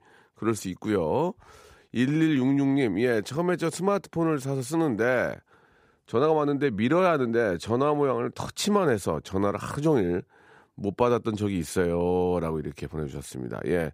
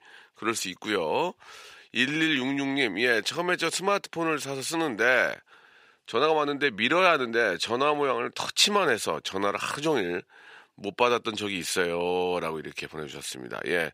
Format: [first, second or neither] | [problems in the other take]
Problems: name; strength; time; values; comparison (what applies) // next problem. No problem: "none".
first | thin; somewhat; fading below 700 Hz